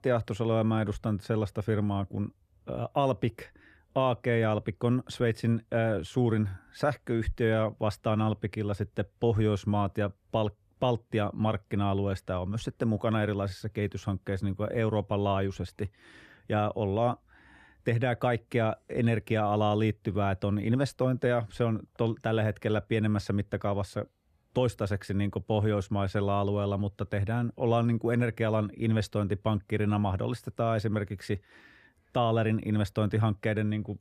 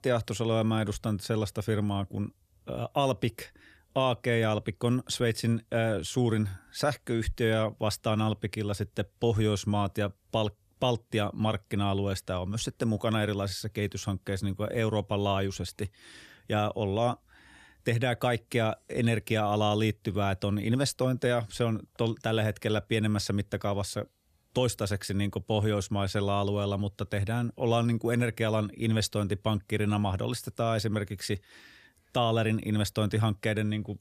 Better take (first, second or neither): second